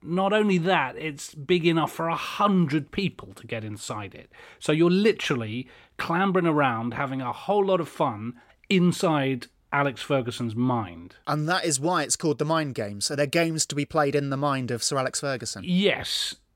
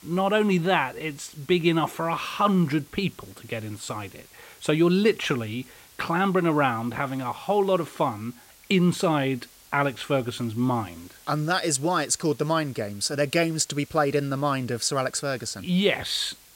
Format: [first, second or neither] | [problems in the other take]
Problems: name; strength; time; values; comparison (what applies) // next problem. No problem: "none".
first | hiss; faint; throughout; 25 dB below the speech